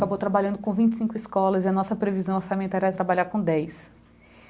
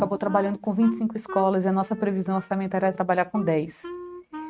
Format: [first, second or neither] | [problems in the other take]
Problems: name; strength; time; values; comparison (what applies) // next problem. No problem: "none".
first | noise reduction (neural mask model RNNoise)